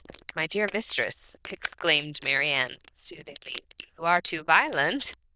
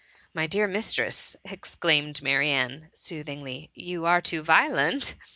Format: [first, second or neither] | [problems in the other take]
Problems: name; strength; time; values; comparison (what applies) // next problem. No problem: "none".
second | noise reduction (neural diffusion model UNIVERSE++)